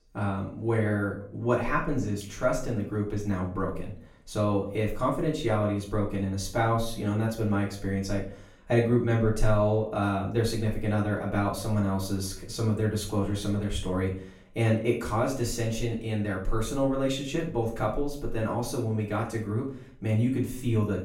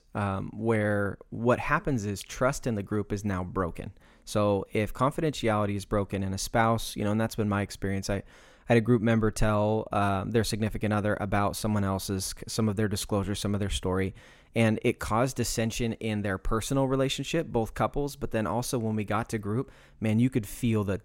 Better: second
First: off-mic speech; far // room echo; slight; dies away in 0.4 s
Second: none

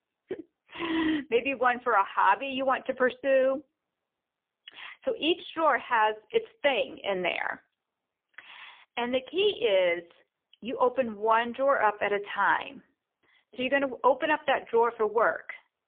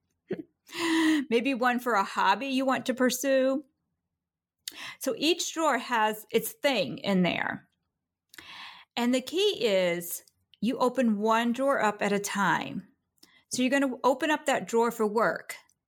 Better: second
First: phone-call audio; poor line; nothing above 3.5 kHz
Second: none

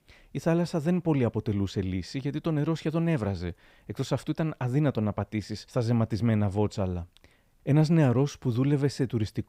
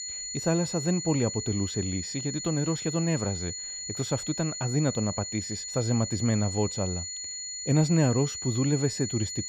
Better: first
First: none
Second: high-pitched whine; loud; throughout; 7 kHz, 5 dB below the speech

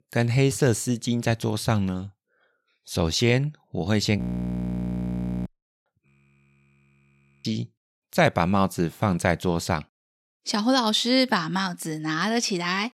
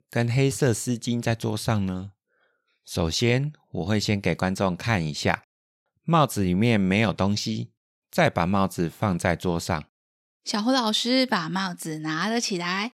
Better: second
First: audio freezing; at 4 s for 1.5 s and at 6 s for 1.5 s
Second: none

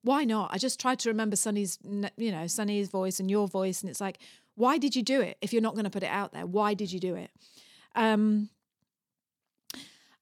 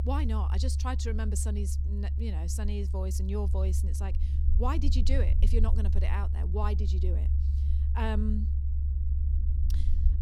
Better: first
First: none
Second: low rumble; loud; throughout; 9 dB below the speech

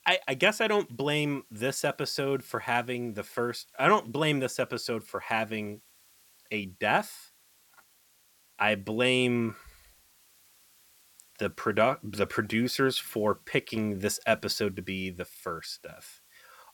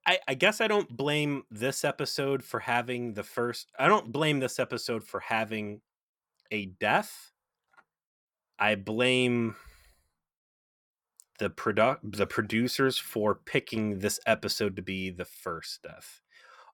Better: second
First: hiss; faint; throughout; 30 dB below the speech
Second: none

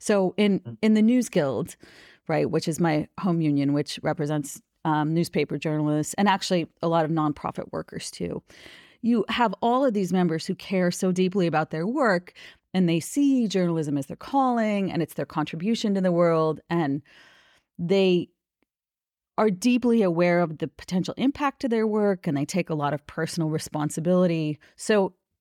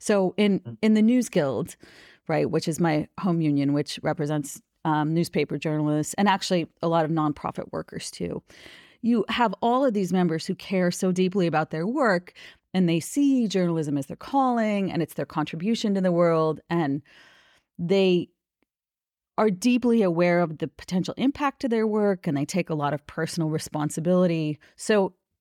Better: neither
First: none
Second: none

